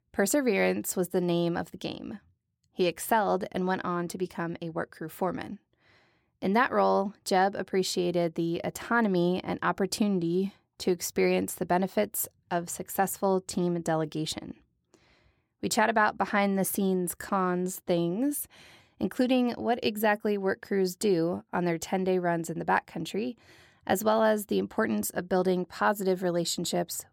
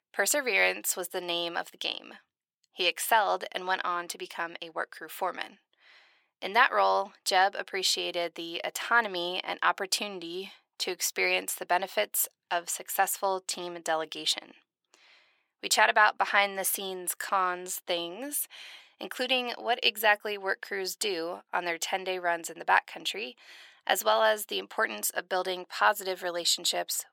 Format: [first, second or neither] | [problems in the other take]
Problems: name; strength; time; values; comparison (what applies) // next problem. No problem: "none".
first | thin; very; fading below 700 Hz